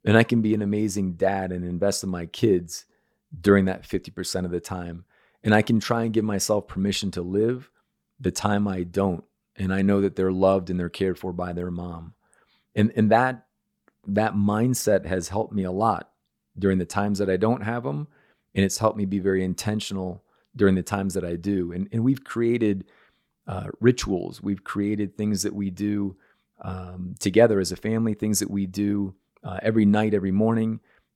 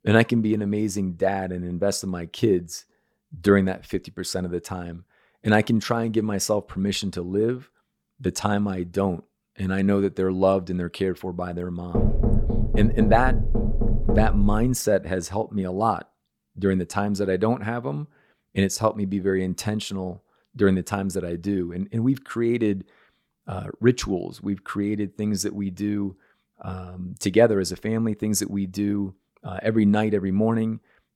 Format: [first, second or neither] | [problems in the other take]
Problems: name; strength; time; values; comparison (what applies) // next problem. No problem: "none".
first | door banging; loud; from 12 to 15 s; peak 2 dB above the speech